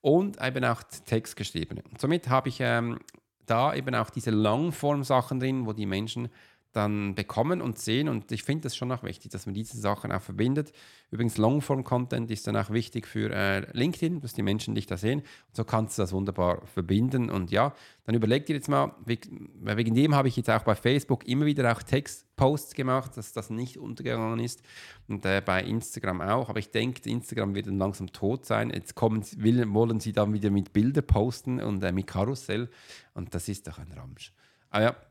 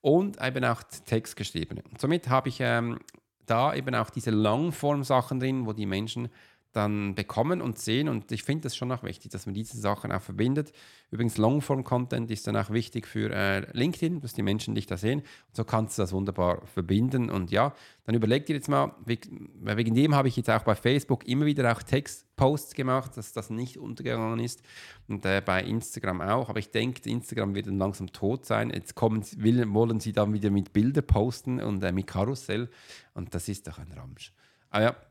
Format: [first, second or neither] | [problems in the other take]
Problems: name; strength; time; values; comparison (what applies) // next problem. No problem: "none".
neither | none